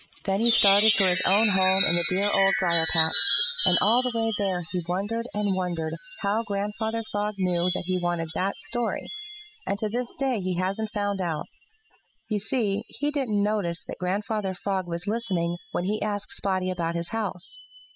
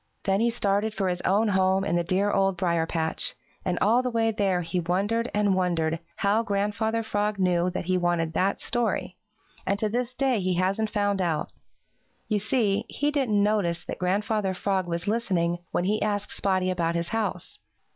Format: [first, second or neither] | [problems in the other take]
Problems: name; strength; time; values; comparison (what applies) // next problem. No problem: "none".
second | noise reduction (classical method spectral subtraction)